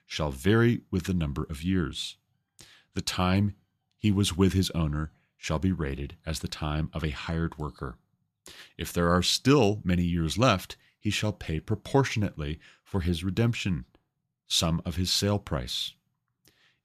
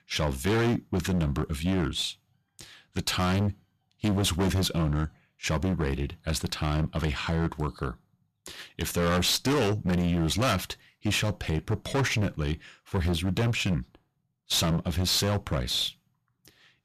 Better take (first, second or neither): first